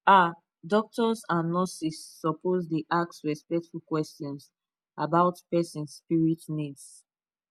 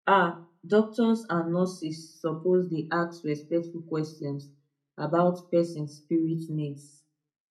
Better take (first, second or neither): first